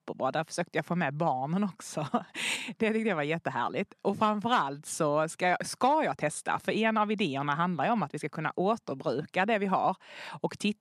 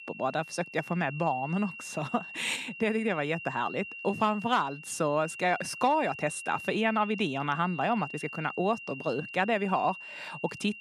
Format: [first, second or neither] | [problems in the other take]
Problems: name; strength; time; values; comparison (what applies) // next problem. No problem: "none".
first | high-pitched whine; noticeable; throughout; 3 kHz, 10 dB below the speech